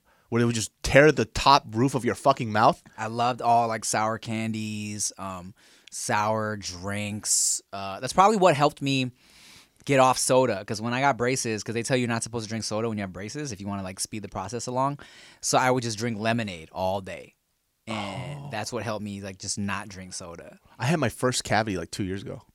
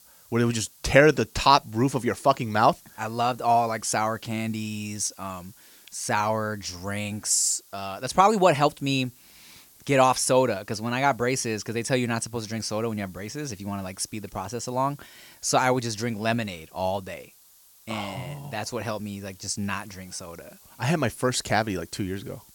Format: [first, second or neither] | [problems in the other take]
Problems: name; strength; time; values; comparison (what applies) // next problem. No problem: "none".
first | hiss; faint; throughout; 25 dB below the speech